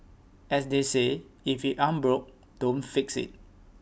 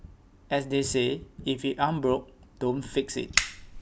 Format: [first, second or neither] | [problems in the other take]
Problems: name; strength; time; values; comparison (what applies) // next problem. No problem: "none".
first | background sound (Fire); 8 dB below the speech